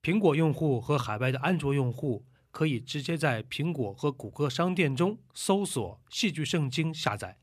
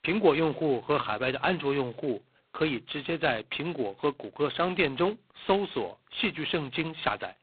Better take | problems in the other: first | phone-call audio; poor line; nothing above 4 kHz

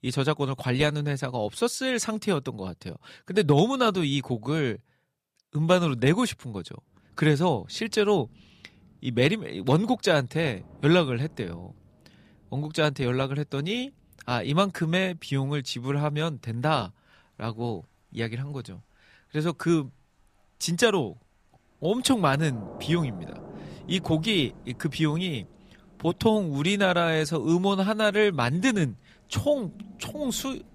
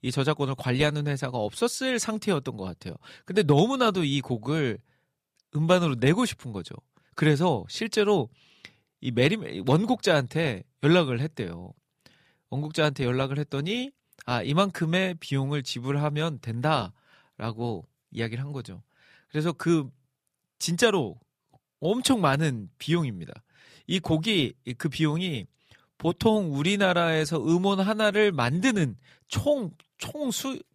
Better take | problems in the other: second | rain or running water; faint; from 7 s on; 25 dB below the speech

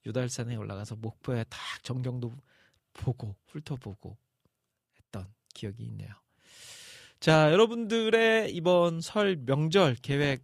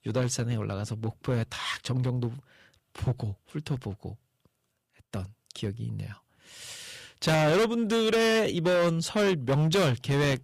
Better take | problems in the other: first | distortion; heavy; 10% of the sound clipped

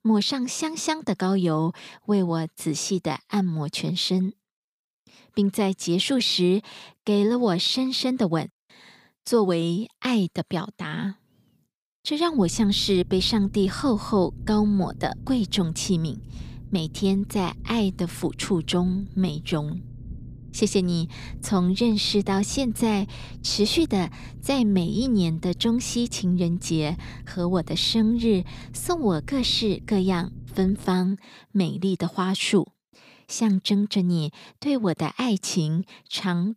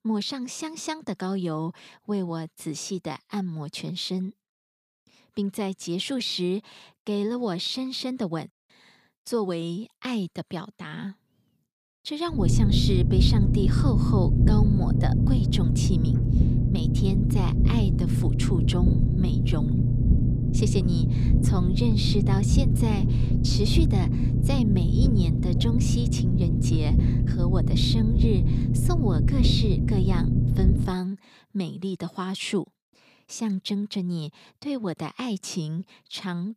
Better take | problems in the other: first | low rumble; loud; from 12 to 31 s; 1 dB below the speech; faint in the first

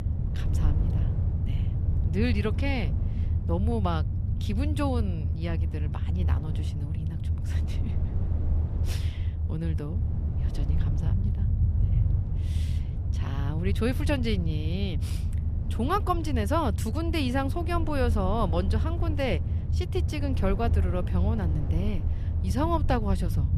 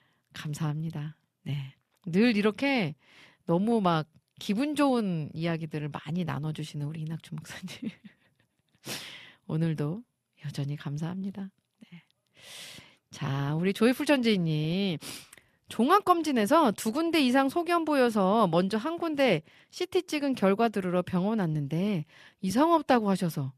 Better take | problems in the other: second | low rumble; noticeable; throughout; 10 dB below the speech

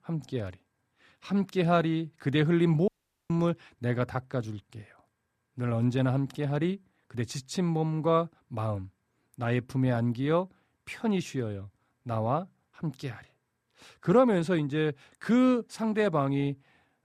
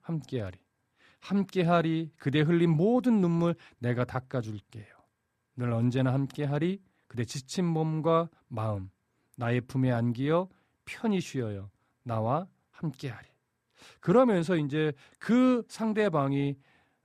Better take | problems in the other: second | audio cutting out; at 3 s

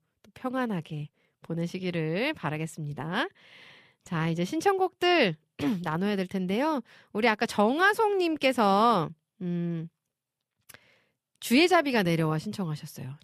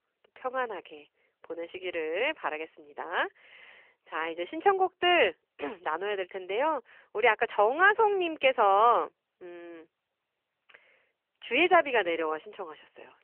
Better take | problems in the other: first | phone-call audio; nothing above 3 kHz

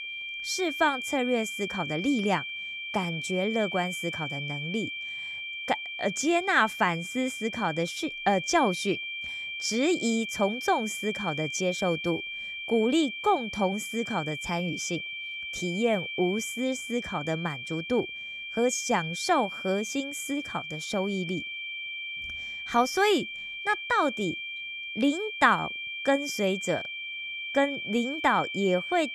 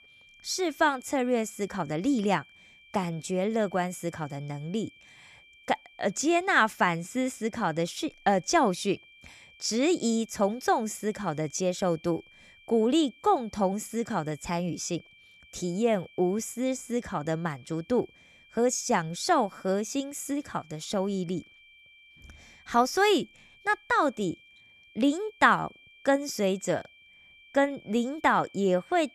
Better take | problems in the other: second | high-pitched whine; loud; throughout; 2.5 kHz, 6 dB below the speech; faint in the second

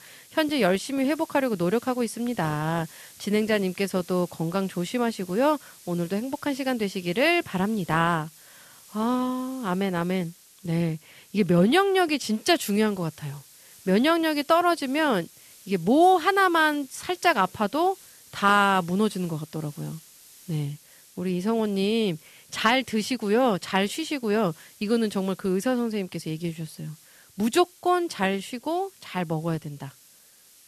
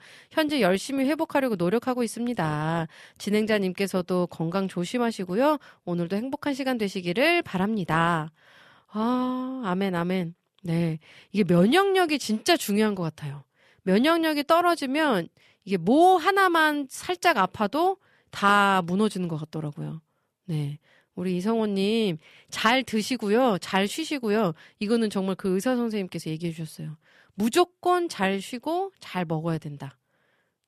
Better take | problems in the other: second | hiss; faint; throughout; 25 dB below the speech

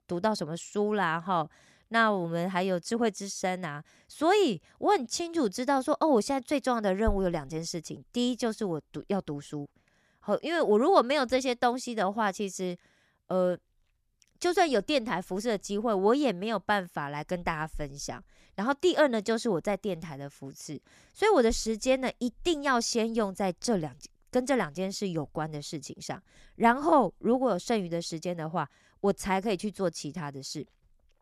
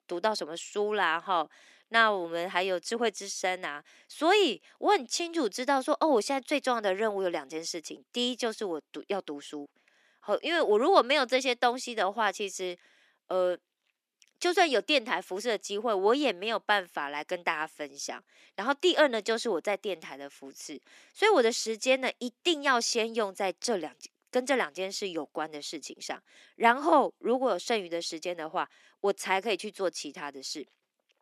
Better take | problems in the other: first | thin; very slightly; fading below 300 Hz

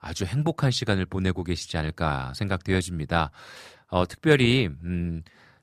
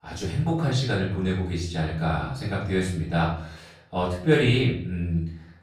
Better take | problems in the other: first | off-mic speech; far // room echo; noticeable; dies away in 0.6 s

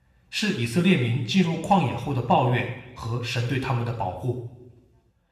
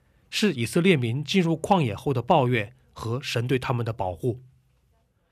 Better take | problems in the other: second | room echo; slight; dies away in 1 s

